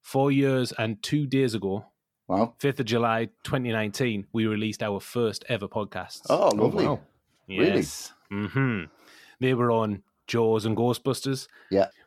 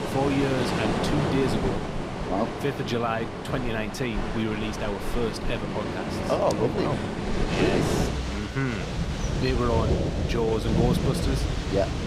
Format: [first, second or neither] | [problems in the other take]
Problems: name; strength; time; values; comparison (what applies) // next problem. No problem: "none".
first | rain or running water; very loud; throughout; as loud as the speech